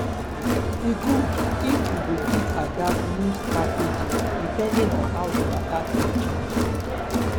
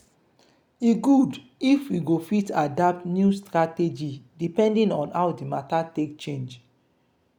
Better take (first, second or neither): second